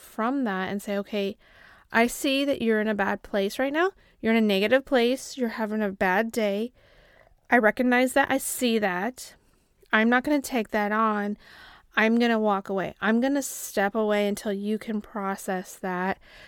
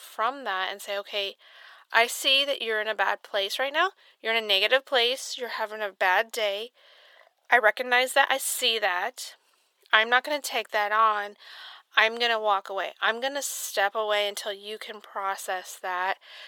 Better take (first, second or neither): first